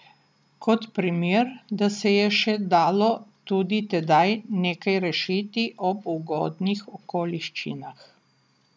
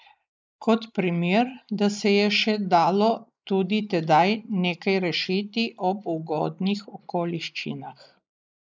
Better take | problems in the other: first | noise reduction (neural mask model Resemble Enhance denoiser)

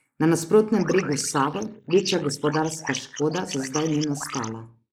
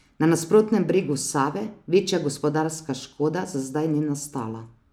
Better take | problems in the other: second | noise reduction (neural mask model Resemble Enhance denoiser)

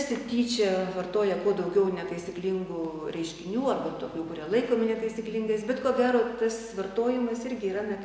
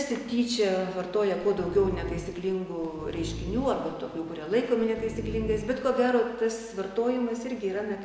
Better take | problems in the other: first | background sound (Dog); 9 dB below the speech

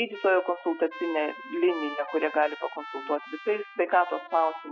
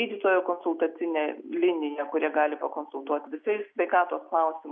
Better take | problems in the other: second | noise reduction (classical method spectral subtraction)

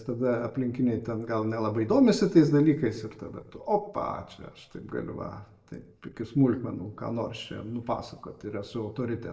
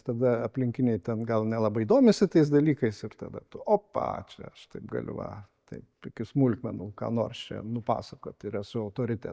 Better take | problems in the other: second | room echo; dies away in 0.5 s

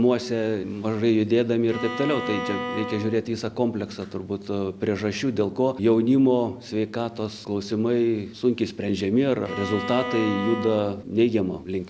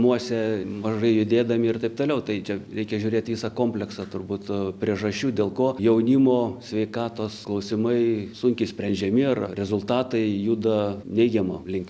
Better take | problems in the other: second | background sound (Bowed string instrument); 9 dB below the speech

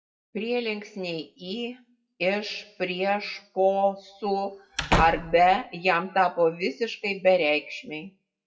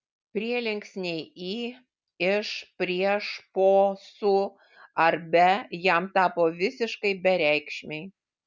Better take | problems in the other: second | noise reduction (classical method WPE with log-MMSE)

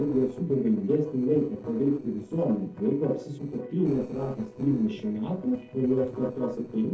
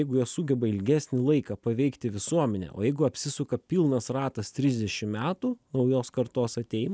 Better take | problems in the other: second | noise reduction (neural separator model SepFormer DNS4)

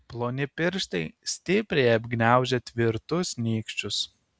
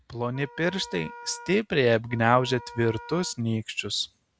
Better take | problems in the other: first | background sound (Wind instrument, woodwind instrument); 18 dB below the speech

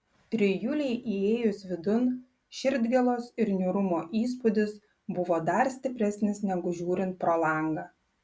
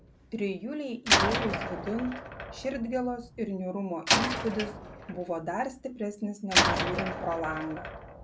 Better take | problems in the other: first | background sound (Slam); 2 dB above the speech

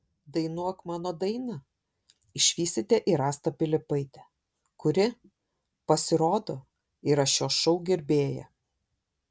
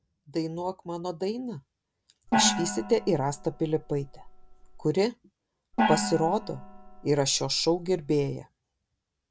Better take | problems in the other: first | background sound (Gong); 3 dB below the speech

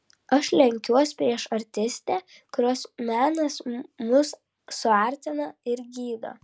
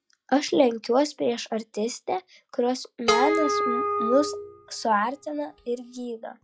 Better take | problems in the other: first | noise reduction (classical method log-MMSE)

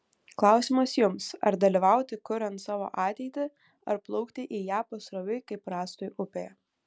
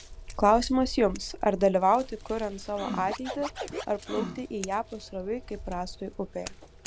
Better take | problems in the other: first | background sound (Scratching (performance technique) + Scissors); 11 dB below the speech

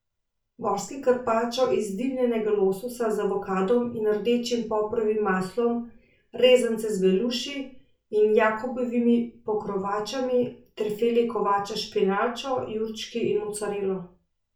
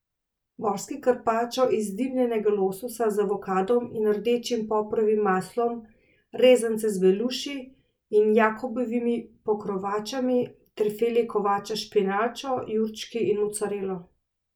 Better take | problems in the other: second | room echo; dies away in 0.3 s

